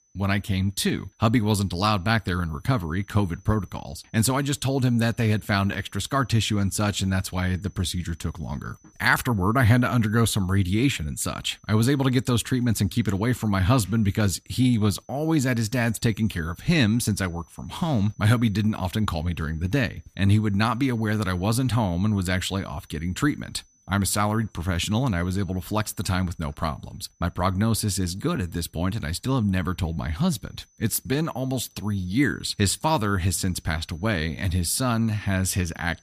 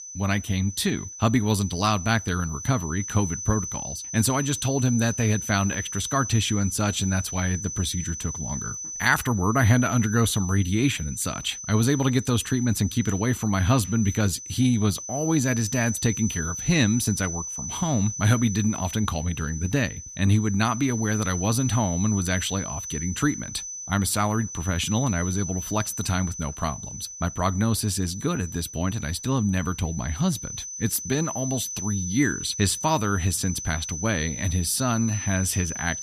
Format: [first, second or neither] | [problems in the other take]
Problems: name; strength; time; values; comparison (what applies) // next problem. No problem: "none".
first | high-pitched whine; loud; throughout; 6 kHz, 8 dB below the speech; faint in the first